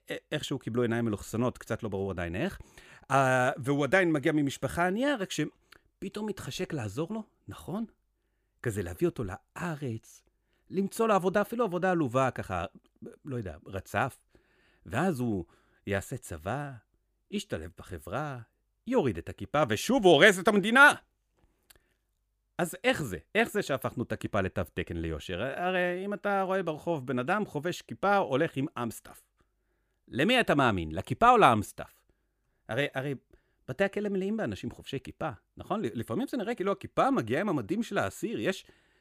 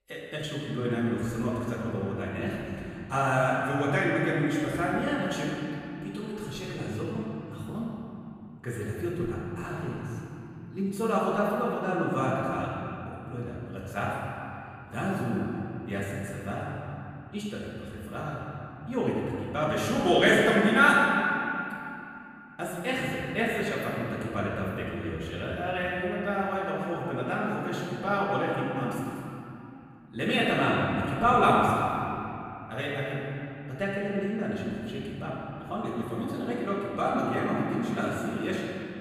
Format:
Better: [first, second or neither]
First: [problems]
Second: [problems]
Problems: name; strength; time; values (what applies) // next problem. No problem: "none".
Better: first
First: none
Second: room echo; strong; dies away in 2.8 s // off-mic speech; far